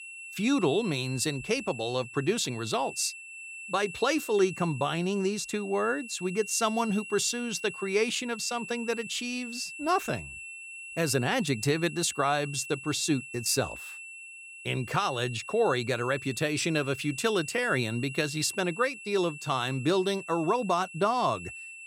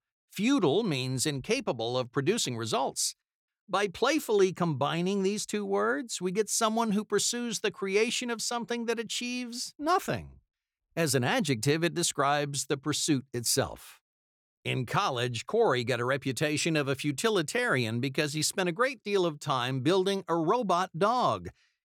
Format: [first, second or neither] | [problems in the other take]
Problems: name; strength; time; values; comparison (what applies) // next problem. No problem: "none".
second | high-pitched whine; noticeable; throughout; 2.5 kHz, 10 dB below the speech